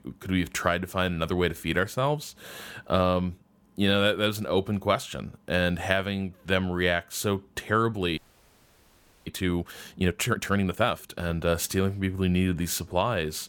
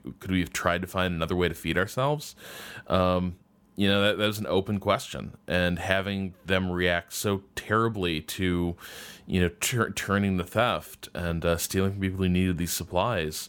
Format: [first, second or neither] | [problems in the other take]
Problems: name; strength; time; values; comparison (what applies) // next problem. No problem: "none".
second | audio freezing; at 8 s for 1 s